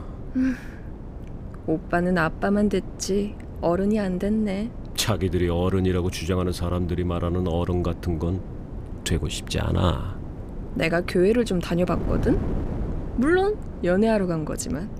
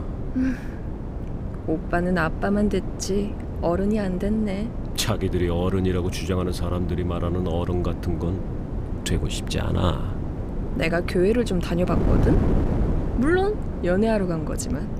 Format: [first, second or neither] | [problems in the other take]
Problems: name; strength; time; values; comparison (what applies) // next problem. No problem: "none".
first | wind noise on the microphone; heavy; 9 dB below the speech; occasional gusts in the first